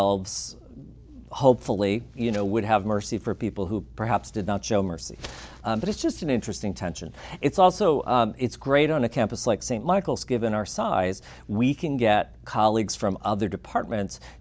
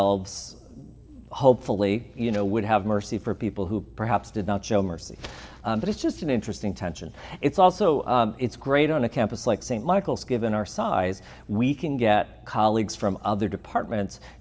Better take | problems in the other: first | room echo; dies away in 1.1 s

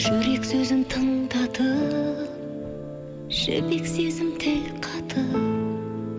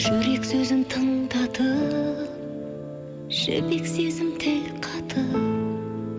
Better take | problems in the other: second | background sound (Car); 20 dB below the speech

